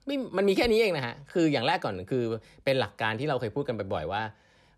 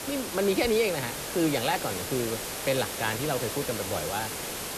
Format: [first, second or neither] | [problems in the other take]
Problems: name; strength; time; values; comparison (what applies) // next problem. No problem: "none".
first | hiss; loud; throughout; 4 dB below the speech